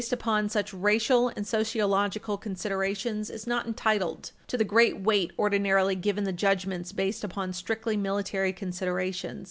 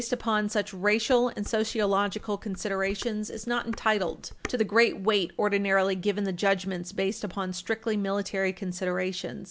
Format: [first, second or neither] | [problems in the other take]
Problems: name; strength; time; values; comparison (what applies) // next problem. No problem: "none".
first | background sound (Dishes, pots, and pans); 17 dB below the speech